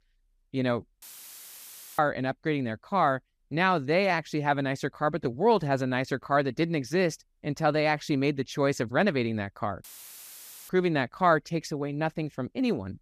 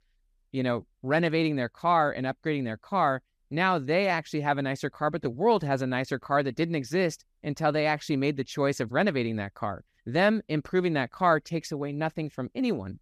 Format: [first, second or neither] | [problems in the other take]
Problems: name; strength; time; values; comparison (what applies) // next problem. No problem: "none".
second | audio cutting out; filled with static; at 1 s for 1 s and at 10 s for 1 s